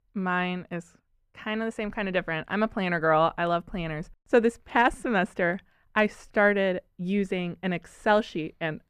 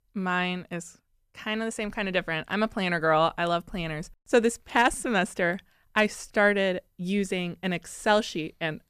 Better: second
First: muffled; slightly; fading above 3.5 kHz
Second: none

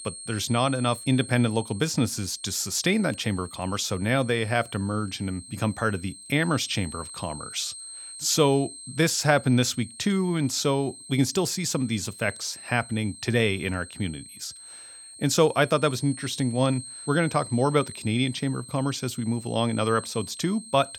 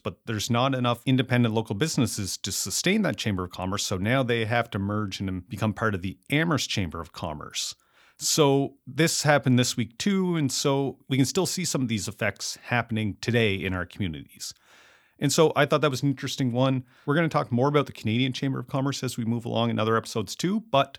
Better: second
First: high-pitched whine; noticeable; throughout; 8.5 kHz, 15 dB below the speech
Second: none

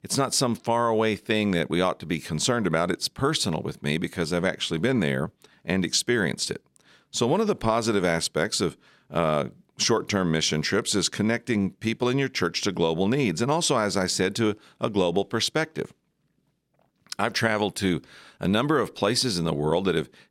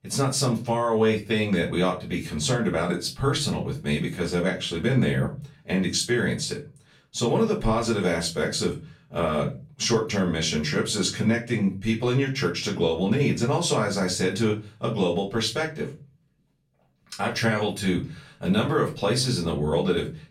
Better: first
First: none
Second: off-mic speech; far // room echo; very slight; dies away in 0.3 s

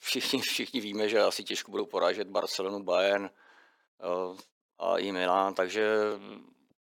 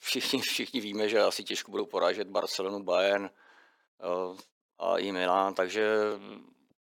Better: neither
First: thin; somewhat; fading below 400 Hz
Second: thin; somewhat; fading below 400 Hz

